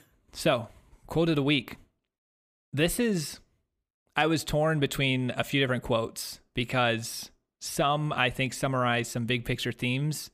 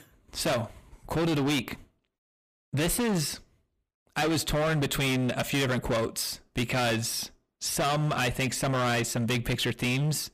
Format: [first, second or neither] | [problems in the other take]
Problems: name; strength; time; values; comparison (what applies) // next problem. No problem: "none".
first | distortion; heavy; 21% of the sound clipped